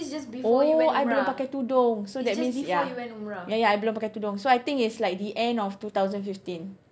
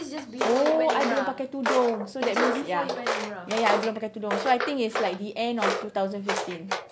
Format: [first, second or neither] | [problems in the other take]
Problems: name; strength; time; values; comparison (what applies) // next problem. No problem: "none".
first | background sound (Walk, footsteps); 3 dB below the speech